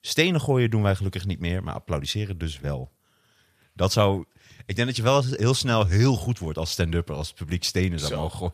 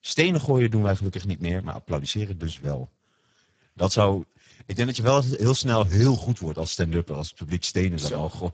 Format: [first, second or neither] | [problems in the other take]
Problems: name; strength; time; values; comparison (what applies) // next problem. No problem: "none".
first | garbled, watery; badly; nothing above 7.5 kHz